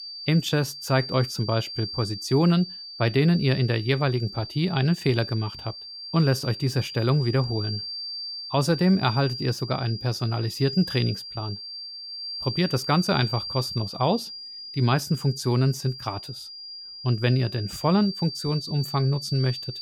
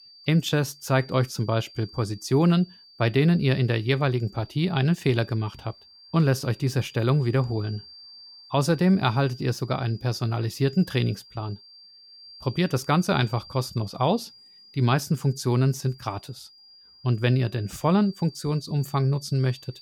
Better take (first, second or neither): second